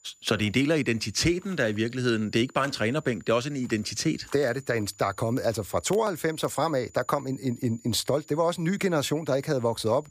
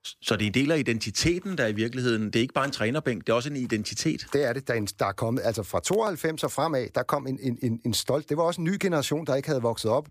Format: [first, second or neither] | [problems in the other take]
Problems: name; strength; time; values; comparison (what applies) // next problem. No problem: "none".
second | high-pitched whine; faint; throughout; 7 kHz, 25 dB below the speech